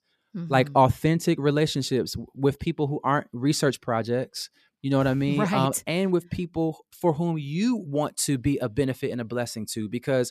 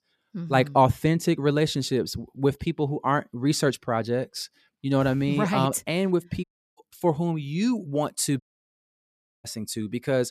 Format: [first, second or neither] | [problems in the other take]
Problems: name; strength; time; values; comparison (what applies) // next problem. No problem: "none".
first | audio cutting out; at 6.5 s and at 8.5 s for 1 s